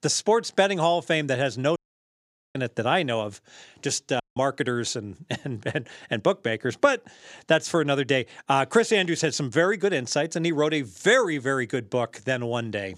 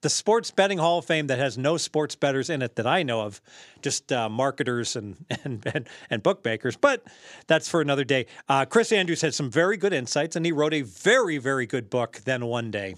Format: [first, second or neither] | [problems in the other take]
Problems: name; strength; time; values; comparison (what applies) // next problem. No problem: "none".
second | audio cutting out; at 2 s for 1 s and at 4 s